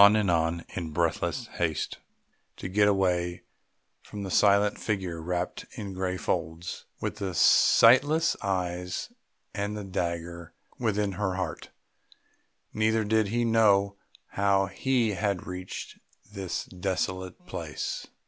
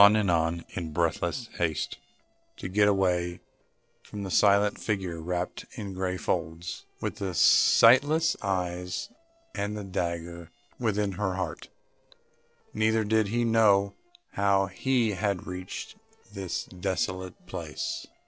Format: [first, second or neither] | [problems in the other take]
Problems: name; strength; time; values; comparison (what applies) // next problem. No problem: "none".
first | noise reduction (neural separator model SepFormer DNS4)